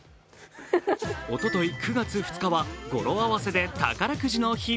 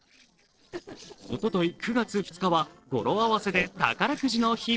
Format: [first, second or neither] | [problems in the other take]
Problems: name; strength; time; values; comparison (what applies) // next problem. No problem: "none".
first | noise reduction (neural separator model SepFormer DNS4)